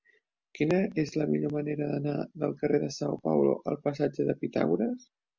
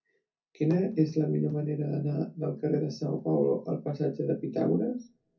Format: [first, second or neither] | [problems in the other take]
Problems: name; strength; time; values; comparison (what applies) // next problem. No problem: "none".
first | room echo; dies away in 0.3 s